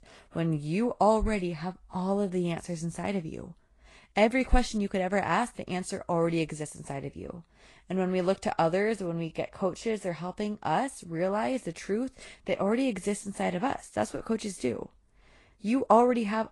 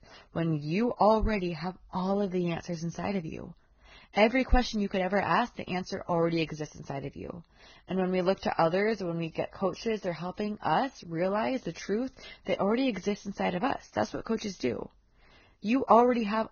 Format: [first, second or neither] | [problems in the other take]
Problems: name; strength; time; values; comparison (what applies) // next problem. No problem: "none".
first | garbled, watery; badly; nothing above 6.5 kHz; slightly in the first